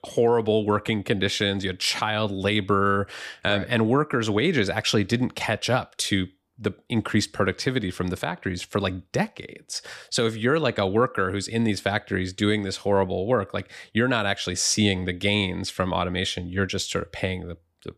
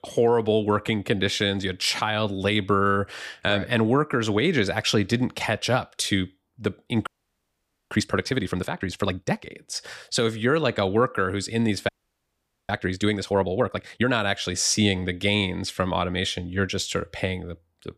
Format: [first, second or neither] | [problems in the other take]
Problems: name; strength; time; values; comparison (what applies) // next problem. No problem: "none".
first | audio freezing; at 7 s for 1 s and at 12 s for 1 s